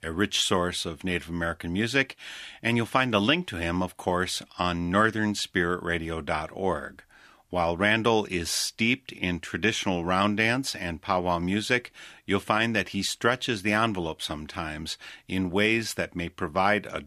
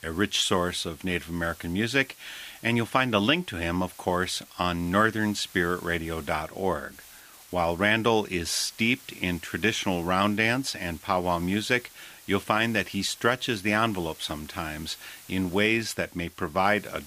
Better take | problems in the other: first | hiss; faint; throughout; 20 dB below the speech

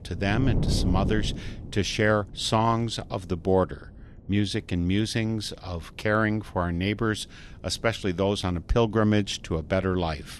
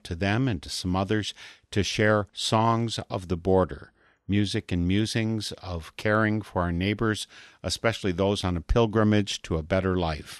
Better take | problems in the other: second | wind noise on the microphone; occasional gusts; 15 dB below the speech

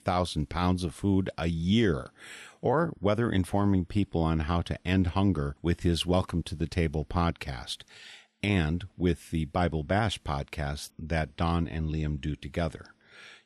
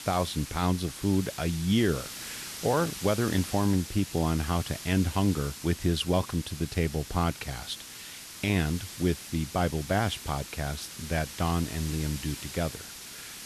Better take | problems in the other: first | hiss; noticeable; throughout; 10 dB below the speech

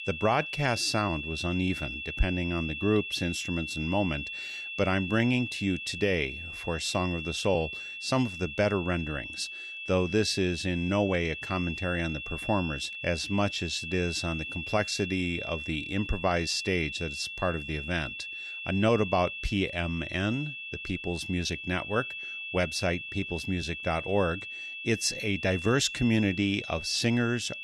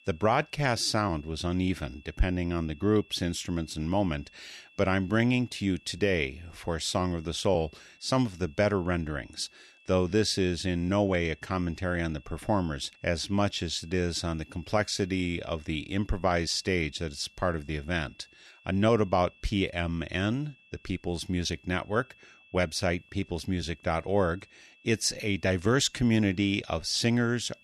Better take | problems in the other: second | high-pitched whine; loud; throughout; 2.5 kHz, 6 dB below the speech; faint in the second

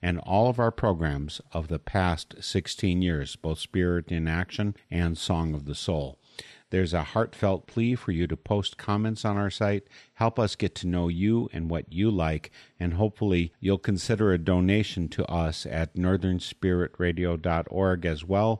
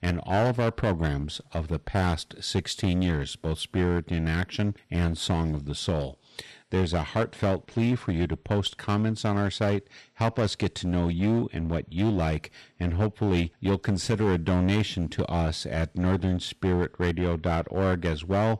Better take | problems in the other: first | distortion; slight; 8% of the sound clipped

